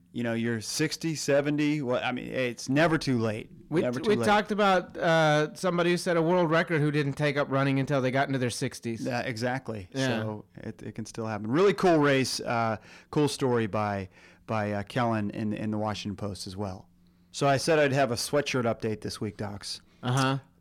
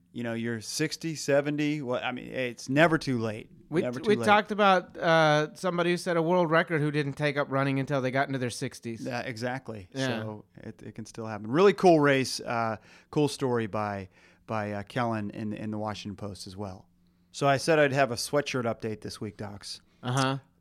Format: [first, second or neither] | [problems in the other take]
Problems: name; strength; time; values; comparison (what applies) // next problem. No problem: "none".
second | distortion; slight; 10 dB below the speech